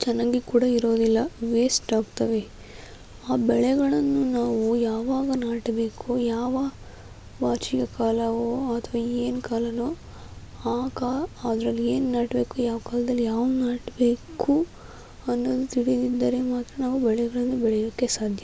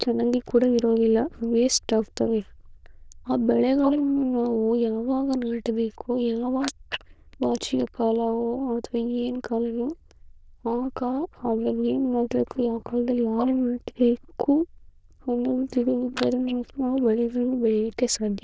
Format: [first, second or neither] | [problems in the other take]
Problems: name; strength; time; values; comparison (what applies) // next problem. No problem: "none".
first | noise reduction (neural diffusion model UNIVERSE++)